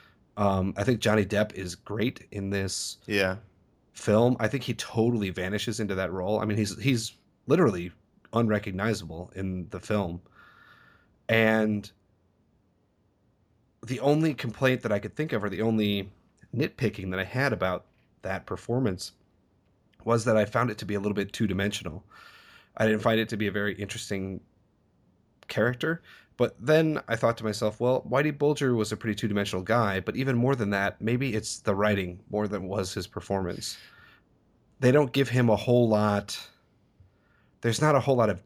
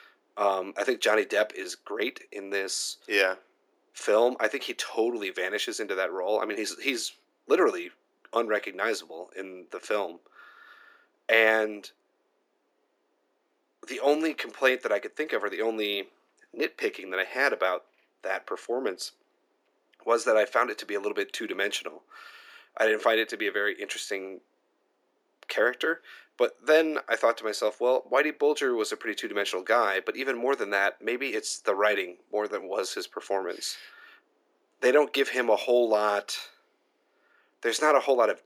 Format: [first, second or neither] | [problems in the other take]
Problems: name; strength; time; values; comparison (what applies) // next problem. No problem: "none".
first | thin; very; fading below 300 Hz